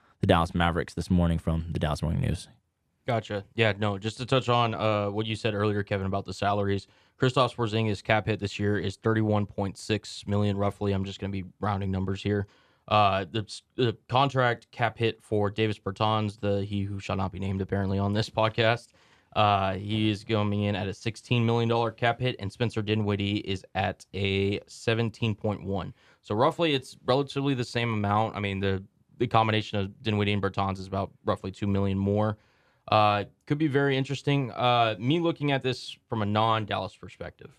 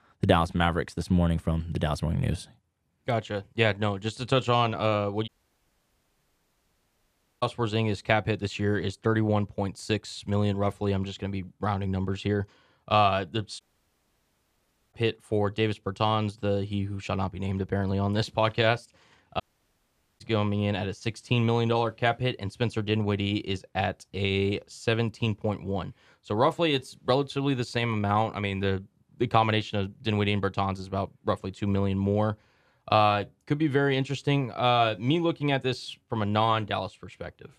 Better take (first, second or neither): first